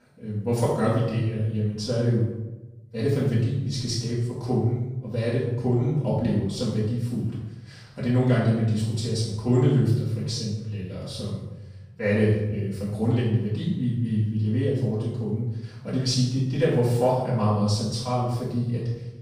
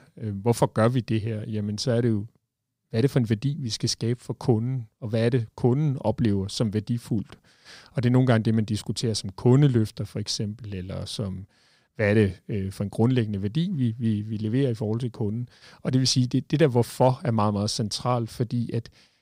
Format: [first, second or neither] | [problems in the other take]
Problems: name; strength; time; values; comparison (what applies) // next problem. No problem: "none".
second | off-mic speech; far // room echo; noticeable; dies away in 0.8 s